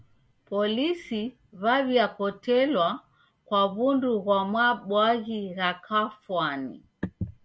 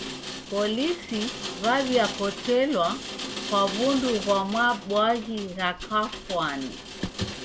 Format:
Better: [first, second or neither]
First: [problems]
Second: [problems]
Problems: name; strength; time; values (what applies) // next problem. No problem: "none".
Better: first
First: none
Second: background sound (Rain); 9 dB below the speech